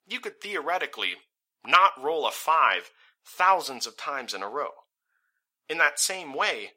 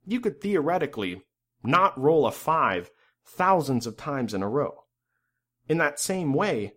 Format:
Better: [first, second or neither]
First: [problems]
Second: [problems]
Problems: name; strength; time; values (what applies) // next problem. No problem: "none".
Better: second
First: thin; very; fading below 800 Hz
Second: none